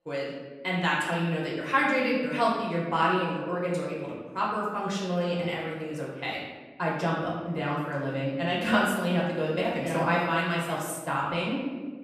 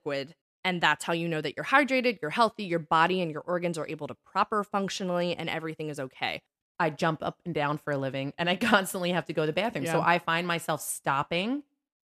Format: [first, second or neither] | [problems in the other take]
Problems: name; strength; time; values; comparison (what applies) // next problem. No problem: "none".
second | room echo; noticeable; dies away in 1.3 s // off-mic speech; far